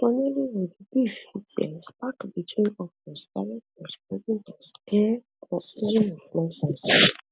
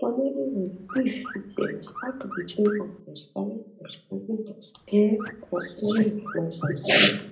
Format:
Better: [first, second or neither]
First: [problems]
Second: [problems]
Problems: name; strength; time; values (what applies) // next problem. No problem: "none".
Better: first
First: none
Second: background sound (Alarm / Car); 15 dB below the speech // room echo; dies away in 0.4 s